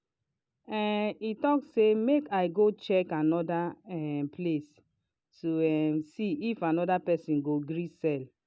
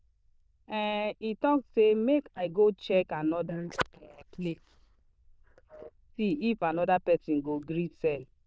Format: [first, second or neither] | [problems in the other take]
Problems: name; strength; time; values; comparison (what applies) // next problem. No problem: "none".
first | noise reduction (neural diffusion model UNIVERSE++)